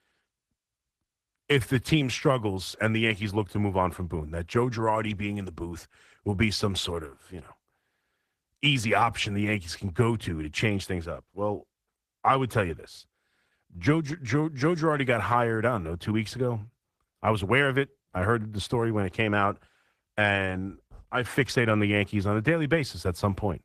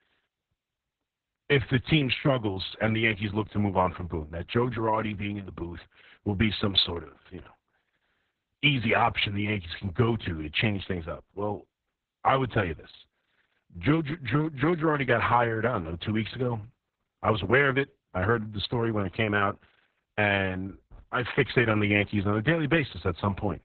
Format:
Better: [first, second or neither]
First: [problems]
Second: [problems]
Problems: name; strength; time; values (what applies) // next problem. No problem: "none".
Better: first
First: garbled, watery; slightly; nothing above 14.5 kHz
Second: garbled, watery; badly; nothing above 4 kHz